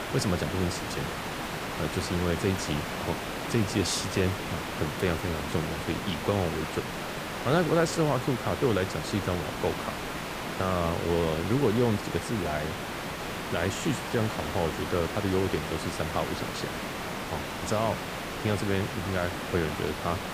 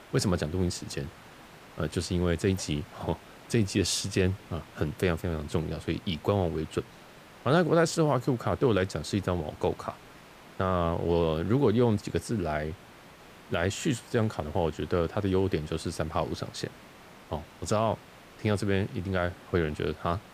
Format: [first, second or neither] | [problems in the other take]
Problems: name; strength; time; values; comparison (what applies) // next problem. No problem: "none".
second | hiss; loud; throughout; 4 dB below the speech; faint in the second